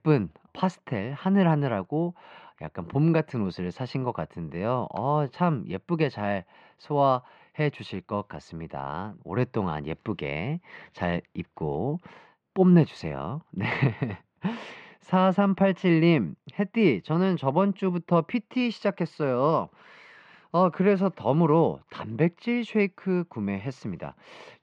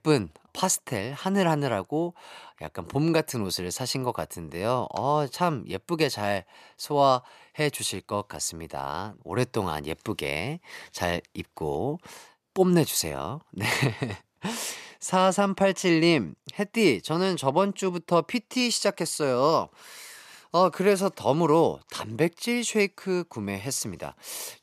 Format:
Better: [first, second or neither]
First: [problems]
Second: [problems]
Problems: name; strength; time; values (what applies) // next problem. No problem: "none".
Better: second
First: muffled; very; fading above 2.5 kHz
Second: none